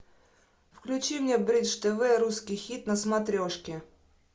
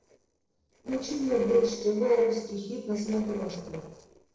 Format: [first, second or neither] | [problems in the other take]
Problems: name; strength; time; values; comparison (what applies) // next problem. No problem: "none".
first | noise reduction (neural separator model SepFormer DNS4)